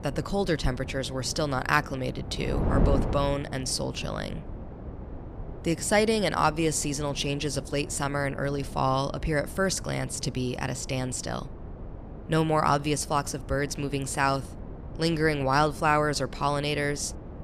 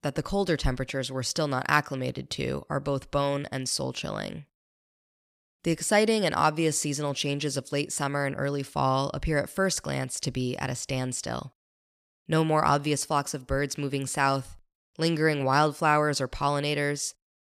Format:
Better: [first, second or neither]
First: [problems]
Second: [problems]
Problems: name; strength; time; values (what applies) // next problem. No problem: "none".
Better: second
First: wind noise on the microphone; occasional gusts; 15 dB below the speech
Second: none